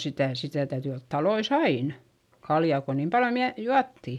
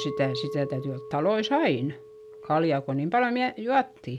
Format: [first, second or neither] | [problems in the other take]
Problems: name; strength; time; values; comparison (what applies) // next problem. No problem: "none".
first | background sound (Chink, clink); 12 dB below the speech